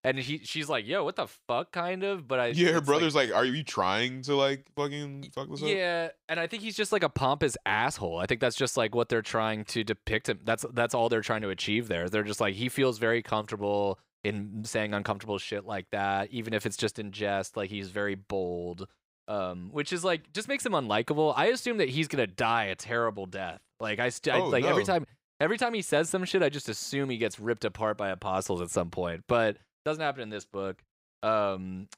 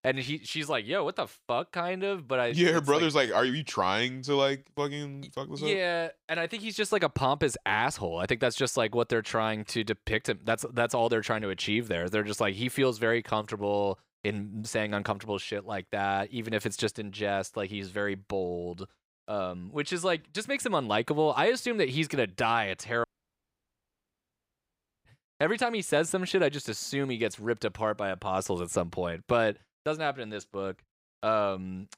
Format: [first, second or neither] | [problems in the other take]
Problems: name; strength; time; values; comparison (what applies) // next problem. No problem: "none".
first | audio cutting out; at 23 s for 2 s